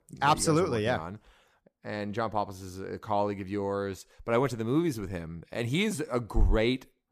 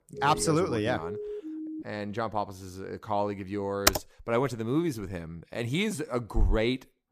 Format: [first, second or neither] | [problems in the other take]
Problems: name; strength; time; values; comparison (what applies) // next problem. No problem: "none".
first | siren; noticeable; until 2 s; peak 7 dB below the speech // keyboard typing; loud; at 4 s; peak 5 dB above the speech